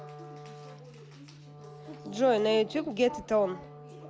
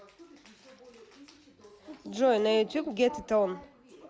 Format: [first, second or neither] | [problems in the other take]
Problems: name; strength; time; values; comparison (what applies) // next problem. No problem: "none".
second | background sound (Wind instrument, woodwind instrument); 17 dB below the speech